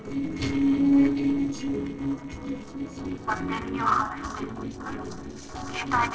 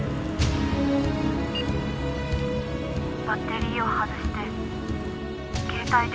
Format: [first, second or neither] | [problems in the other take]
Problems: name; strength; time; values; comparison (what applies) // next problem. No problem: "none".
second | noise reduction (neural separator model SepFormer DNS4)